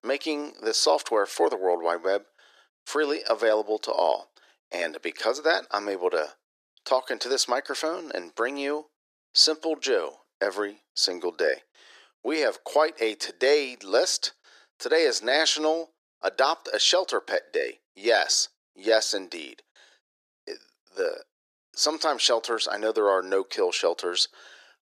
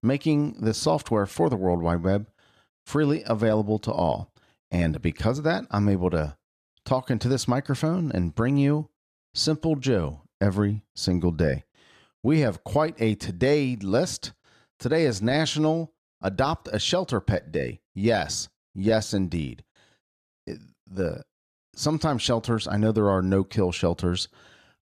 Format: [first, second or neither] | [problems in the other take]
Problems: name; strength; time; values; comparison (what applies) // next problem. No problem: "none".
second | thin; very; fading below 350 Hz